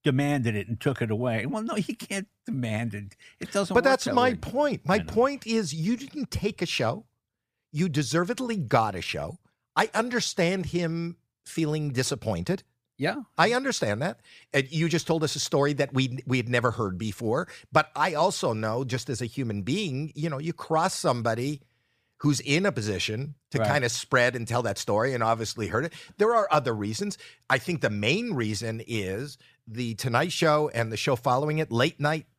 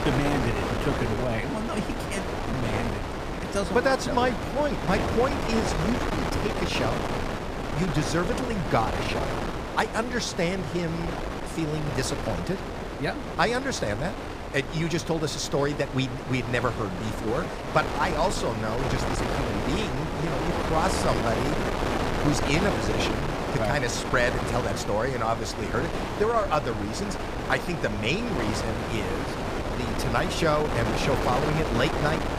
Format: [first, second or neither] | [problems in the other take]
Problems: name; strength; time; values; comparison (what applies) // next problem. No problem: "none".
first | wind noise on the microphone; heavy; 2 dB below the speech